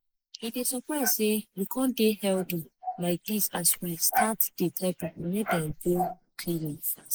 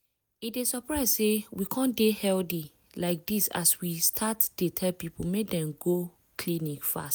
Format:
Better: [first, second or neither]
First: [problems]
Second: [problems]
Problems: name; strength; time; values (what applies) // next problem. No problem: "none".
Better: second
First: noise reduction (neural mask model Resemble Enhance denoiser)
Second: none